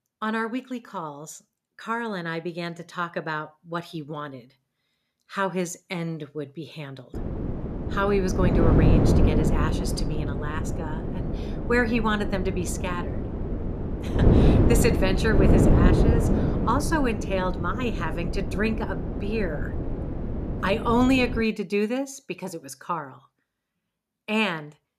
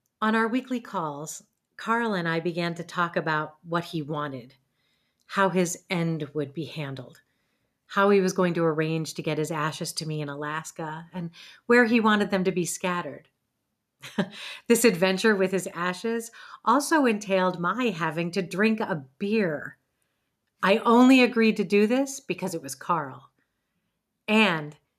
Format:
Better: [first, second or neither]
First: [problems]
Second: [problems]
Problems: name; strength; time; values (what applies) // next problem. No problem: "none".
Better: second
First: wind noise on the microphone; heavy; from 7 to 21 s; 3 dB below the speech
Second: none